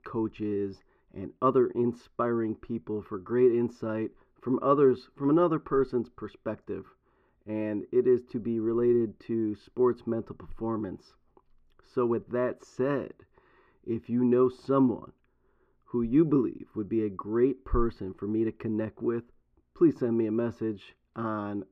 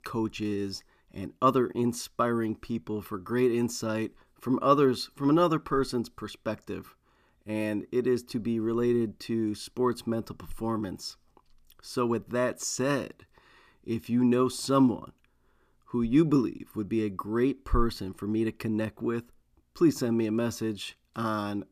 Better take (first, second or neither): second